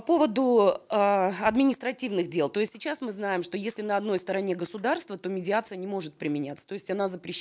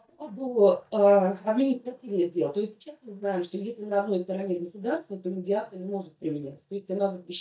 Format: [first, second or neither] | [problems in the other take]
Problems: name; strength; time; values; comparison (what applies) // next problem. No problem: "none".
first | noise reduction (neural mask model DeepFilterNet 3)